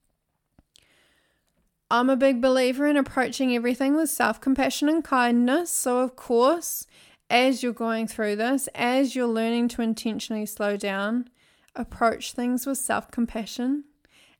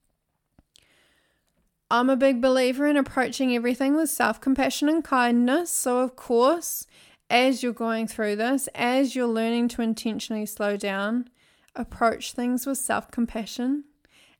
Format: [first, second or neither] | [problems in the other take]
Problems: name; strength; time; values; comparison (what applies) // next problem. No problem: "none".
neither | none